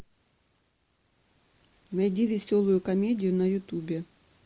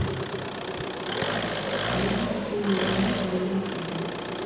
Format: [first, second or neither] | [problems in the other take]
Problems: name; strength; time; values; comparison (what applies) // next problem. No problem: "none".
first | background sound (Engine); 2 dB above the speech // room echo; dies away in 1 s